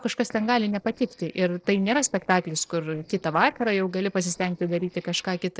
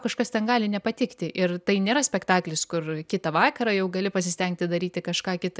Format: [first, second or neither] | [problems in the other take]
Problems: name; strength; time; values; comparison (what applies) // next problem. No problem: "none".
second | noise reduction (neural separator model SepFormer DNS4)